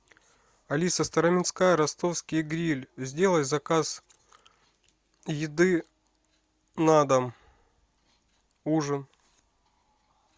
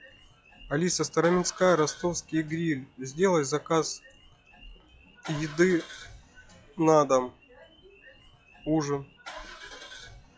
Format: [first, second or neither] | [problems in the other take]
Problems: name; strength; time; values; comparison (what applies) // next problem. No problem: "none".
first | noise reduction (classical method log-MMSE)